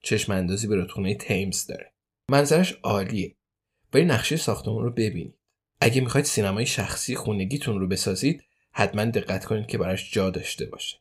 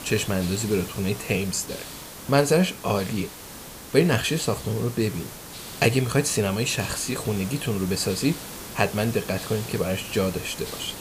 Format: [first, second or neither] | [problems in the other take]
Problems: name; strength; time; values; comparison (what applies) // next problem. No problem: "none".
first | hiss; noticeable; throughout; 10 dB below the speech